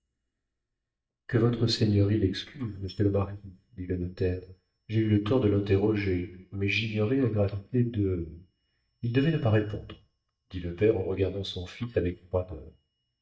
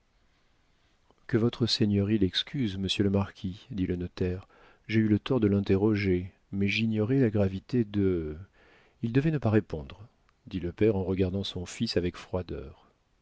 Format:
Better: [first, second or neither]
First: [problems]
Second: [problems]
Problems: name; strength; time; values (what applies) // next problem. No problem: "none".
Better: second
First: noise reduction (neural mask model DeepFilterNet 3)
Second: none